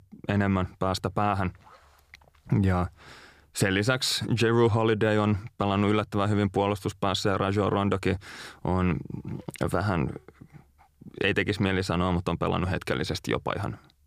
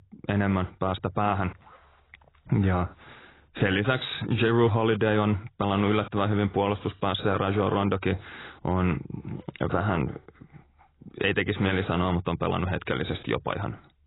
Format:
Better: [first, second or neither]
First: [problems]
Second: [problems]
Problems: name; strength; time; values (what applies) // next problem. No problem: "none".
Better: first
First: none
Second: garbled, watery; badly; nothing above 4 kHz